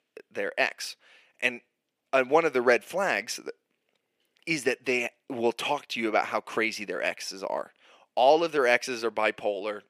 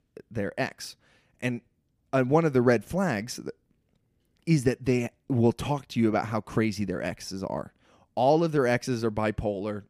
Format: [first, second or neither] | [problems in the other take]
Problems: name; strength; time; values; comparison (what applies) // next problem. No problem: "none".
second | thin; very; fading below 500 Hz